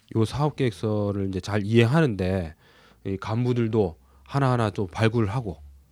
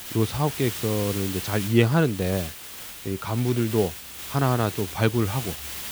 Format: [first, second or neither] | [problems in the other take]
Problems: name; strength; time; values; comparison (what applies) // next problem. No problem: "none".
first | hiss; loud; throughout; 9 dB below the speech